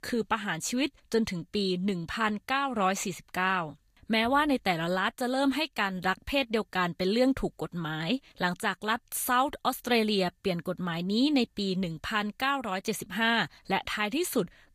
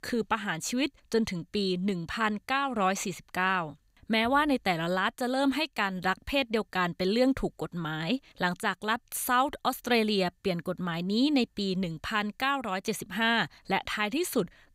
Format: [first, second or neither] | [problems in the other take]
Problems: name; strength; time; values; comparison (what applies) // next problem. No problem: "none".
second | garbled, watery; slightly; nothing above 15.5 kHz